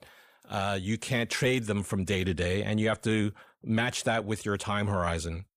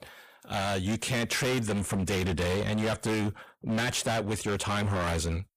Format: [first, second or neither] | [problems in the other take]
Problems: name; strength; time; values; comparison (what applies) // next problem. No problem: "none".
first | distortion; heavy; 26% of the sound clipped